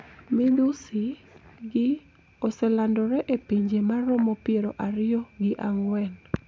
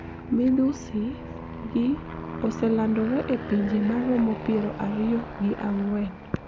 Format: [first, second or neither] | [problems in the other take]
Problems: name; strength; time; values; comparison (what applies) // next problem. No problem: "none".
first | background sound (Aircraft); 10 dB below the speech